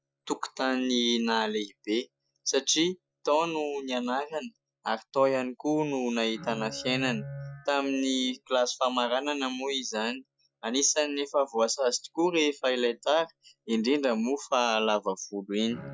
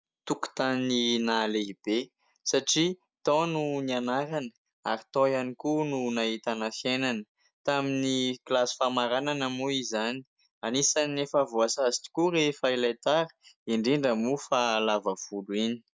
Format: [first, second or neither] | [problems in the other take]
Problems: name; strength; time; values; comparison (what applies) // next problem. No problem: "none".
second | noise reduction (classical method Wiener filter)